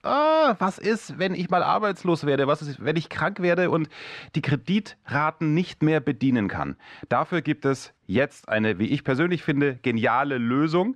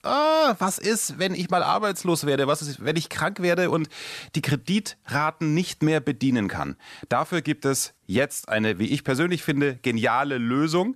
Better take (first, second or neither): second